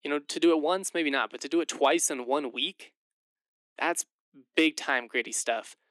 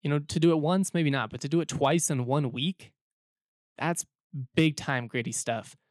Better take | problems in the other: second | thin; somewhat; fading below 300 Hz

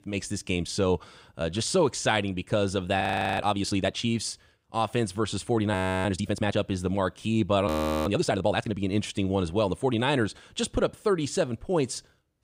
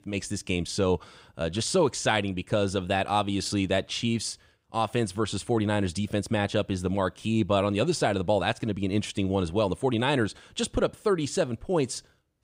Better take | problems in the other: second | audio freezing; at 3 s, at 5.5 s and at 7.5 s

